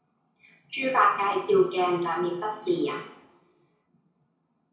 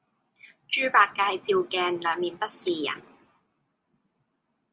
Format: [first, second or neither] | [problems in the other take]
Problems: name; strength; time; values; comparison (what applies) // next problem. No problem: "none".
second | room echo; dies away in 0.6 s